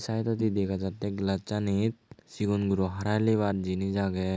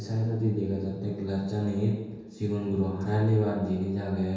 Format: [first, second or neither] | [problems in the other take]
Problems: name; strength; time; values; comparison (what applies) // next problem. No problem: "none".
first | room echo; dies away in 1.2 s